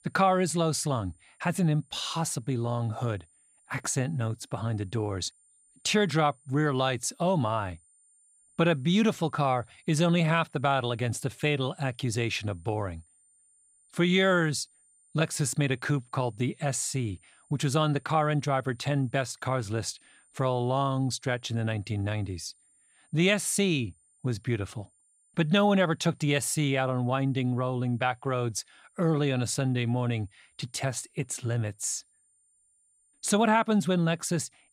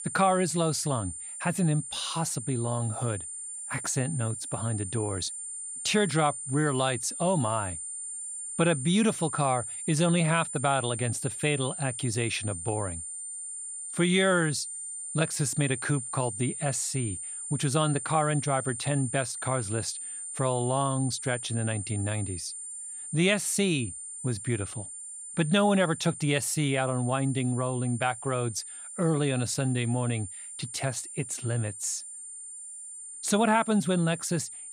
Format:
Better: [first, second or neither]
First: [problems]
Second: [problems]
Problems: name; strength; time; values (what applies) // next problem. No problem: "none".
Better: first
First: high-pitched whine; faint; throughout; 9 kHz, 35 dB below the speech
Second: high-pitched whine; loud; throughout; 9 kHz, 7 dB below the speech